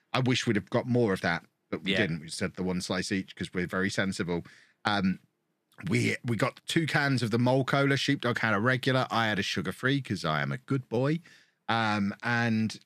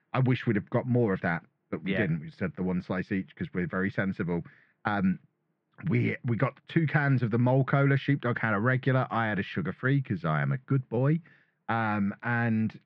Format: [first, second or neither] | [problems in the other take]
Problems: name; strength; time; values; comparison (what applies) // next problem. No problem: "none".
first | muffled; very; fading above 2 kHz